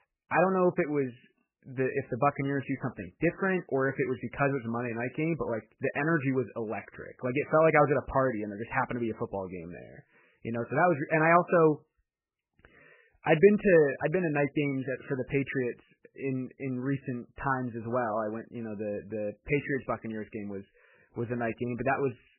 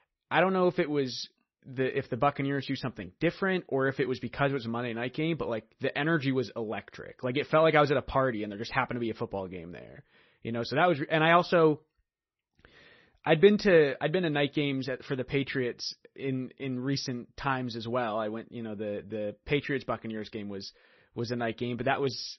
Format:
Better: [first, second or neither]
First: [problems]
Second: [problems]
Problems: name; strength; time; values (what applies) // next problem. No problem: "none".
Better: second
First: garbled, watery; badly; nothing above 2.5 kHz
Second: garbled, watery; slightly; nothing above 6 kHz